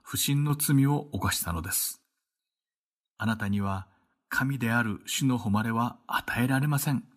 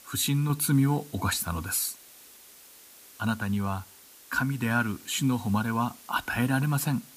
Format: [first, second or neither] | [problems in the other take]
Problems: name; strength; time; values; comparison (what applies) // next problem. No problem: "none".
first | hiss; faint; throughout; 20 dB below the speech